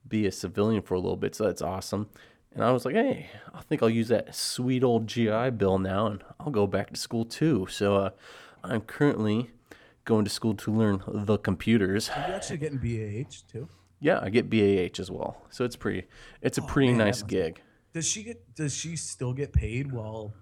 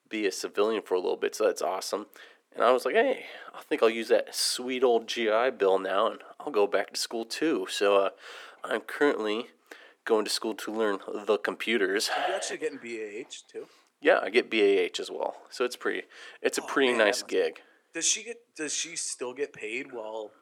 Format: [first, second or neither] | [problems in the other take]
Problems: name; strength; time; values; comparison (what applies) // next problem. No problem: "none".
first | thin; somewhat; fading below 350 Hz